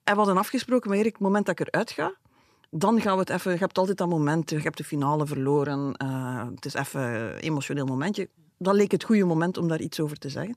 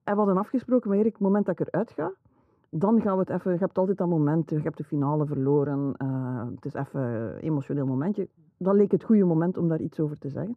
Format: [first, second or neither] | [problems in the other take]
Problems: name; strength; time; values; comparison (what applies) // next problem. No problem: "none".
first | muffled; very; fading above 1.5 kHz